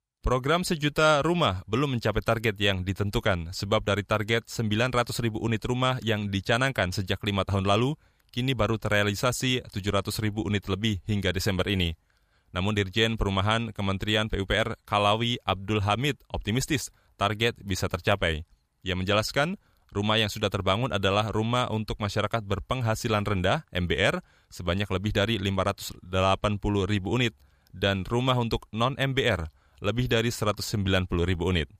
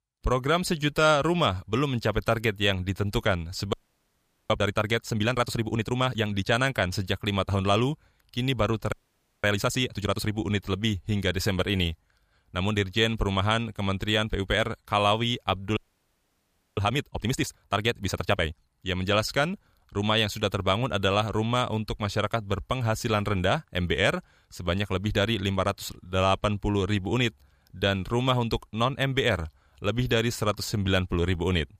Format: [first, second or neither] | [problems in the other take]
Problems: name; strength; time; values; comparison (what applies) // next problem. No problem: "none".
first | audio freezing; at 3.5 s for 1 s, at 9 s for 0.5 s and at 16 s for 1 s